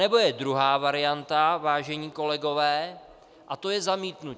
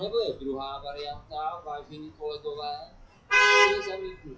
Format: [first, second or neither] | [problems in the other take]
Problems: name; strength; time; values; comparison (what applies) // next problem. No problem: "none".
first | noise reduction (classical method WPE with log-MMSE)